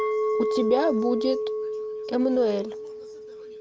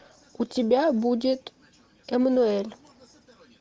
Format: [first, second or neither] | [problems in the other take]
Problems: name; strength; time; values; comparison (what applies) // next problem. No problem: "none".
second | background sound (Chink, clink); 1 dB below the speech